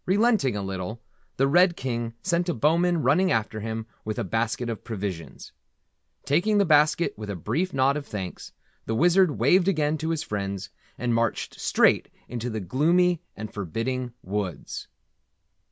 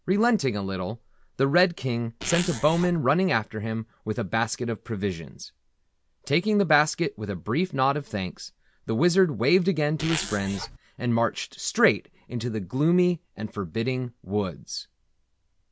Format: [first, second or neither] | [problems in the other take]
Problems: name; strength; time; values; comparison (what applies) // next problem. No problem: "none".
first | background sound (Zipper (clothing)); 8 dB below the speech